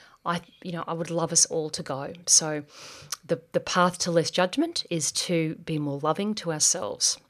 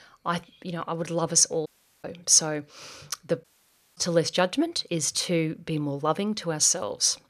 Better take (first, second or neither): first